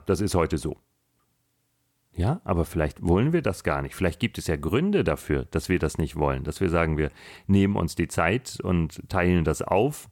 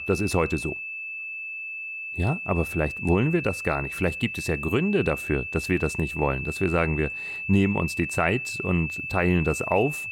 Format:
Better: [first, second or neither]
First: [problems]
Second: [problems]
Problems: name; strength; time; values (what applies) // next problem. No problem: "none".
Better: first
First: none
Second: high-pitched whine; loud; throughout; 2.5 kHz, 5 dB below the speech